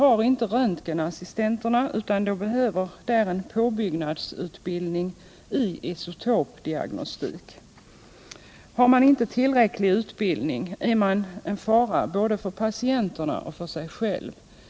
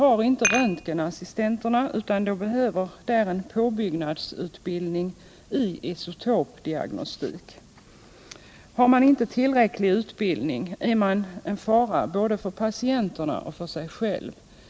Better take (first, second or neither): first